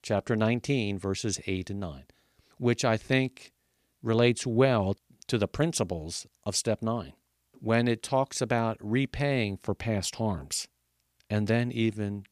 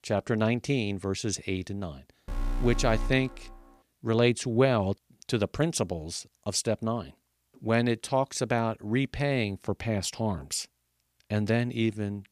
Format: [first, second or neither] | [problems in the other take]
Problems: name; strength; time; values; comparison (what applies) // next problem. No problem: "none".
first | alarm; noticeable; from 2.5 to 3.5 s; peak 6 dB below the speech